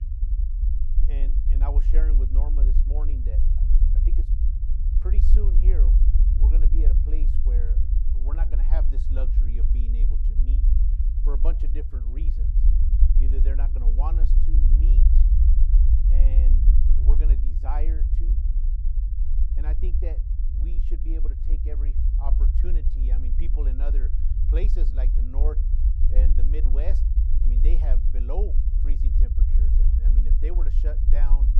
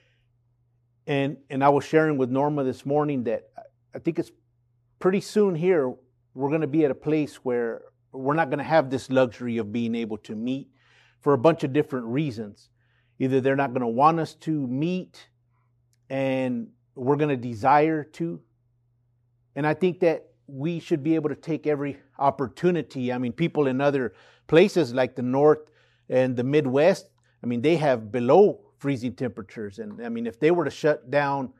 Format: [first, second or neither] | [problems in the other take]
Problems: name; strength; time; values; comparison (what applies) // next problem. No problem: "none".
second | low rumble; loud; throughout; 3 dB below the speech